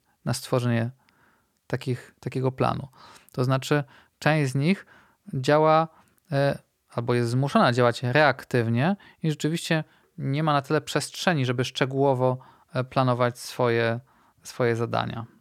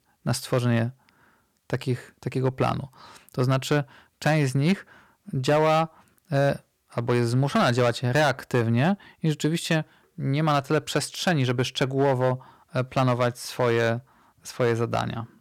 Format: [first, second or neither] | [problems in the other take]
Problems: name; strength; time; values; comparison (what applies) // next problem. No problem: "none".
first | distortion; slight; 5% of the sound clipped